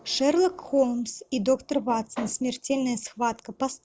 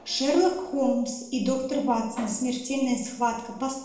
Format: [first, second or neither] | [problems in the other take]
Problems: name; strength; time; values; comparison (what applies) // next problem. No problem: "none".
first | room echo; dies away in 0.8 s